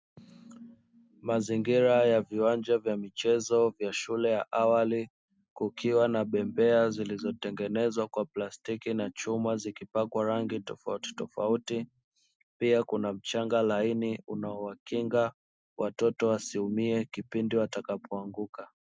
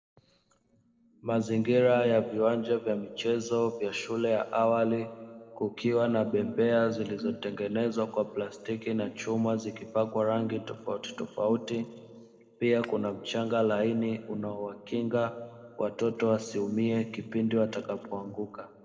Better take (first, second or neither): first